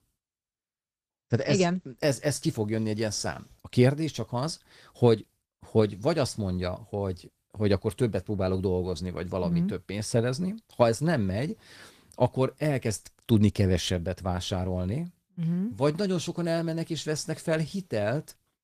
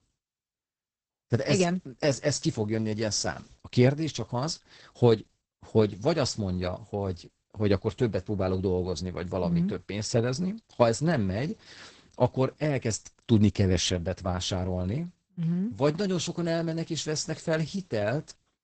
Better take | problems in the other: first | garbled, watery; badly; nothing above 8 kHz; slightly in the first

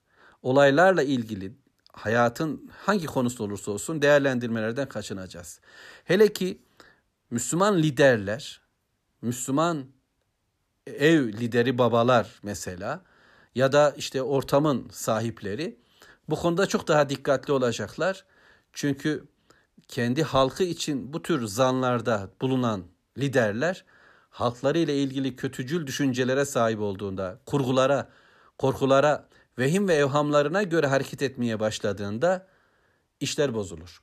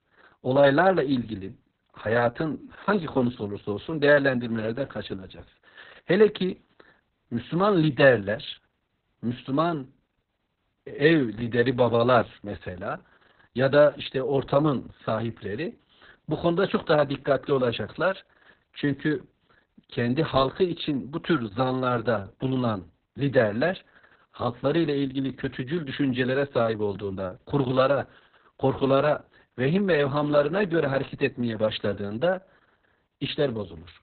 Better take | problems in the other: first | garbled, watery; badly; nothing above 4 kHz

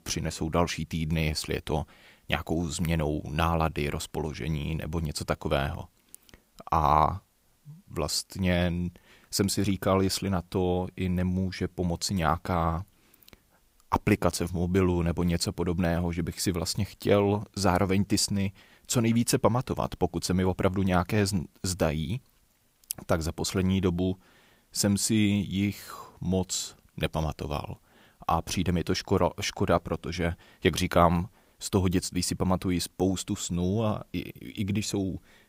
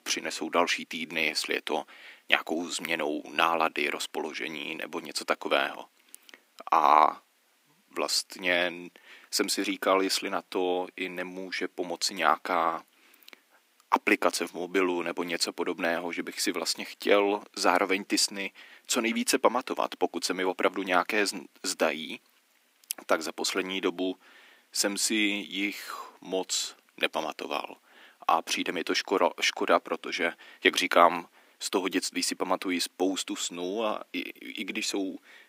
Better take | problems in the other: first | thin; somewhat; fading below 250 Hz

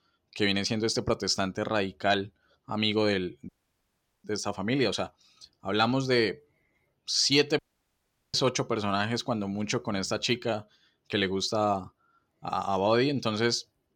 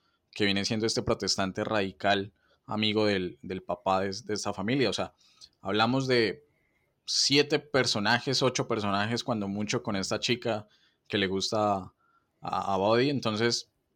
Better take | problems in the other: second | audio cutting out; at 3.5 s for 1 s and at 7.5 s for 1 s

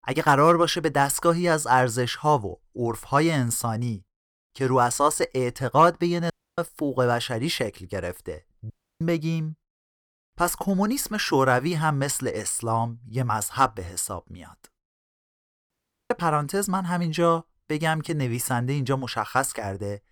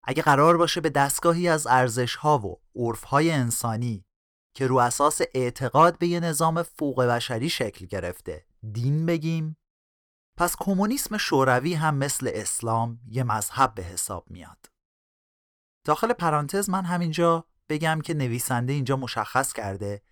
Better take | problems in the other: second | audio cutting out; at 6.5 s, at 8.5 s and at 16 s

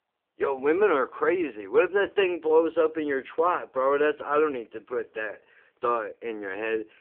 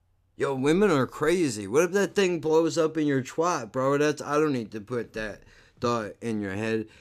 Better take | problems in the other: second | phone-call audio; poor line

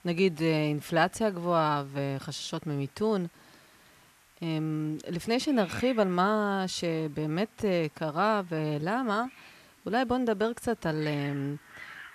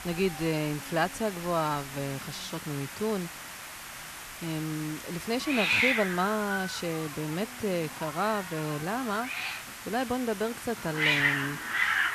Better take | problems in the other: first | hiss; loud; throughout; 1 dB below the speech; faint in the first

